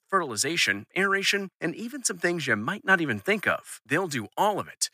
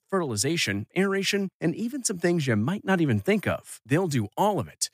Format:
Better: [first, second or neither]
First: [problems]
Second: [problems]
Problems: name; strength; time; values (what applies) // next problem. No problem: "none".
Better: second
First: thin; somewhat; fading below 400 Hz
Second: none